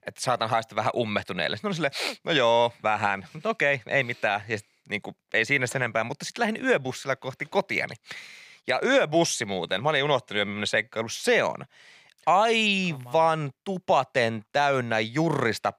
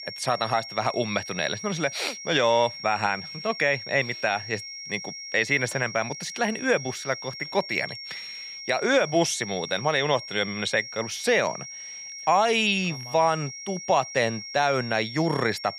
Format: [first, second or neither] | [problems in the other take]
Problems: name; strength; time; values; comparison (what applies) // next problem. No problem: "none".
first | high-pitched whine; noticeable; throughout; 5.5 kHz, 10 dB below the speech